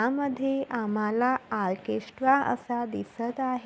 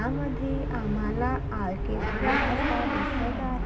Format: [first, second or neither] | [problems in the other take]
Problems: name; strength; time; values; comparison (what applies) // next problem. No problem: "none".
first | background sound (Motorcycle / Accelerating, revving, vroom); 3 dB above the speech // room echo; dies away in 0.4 s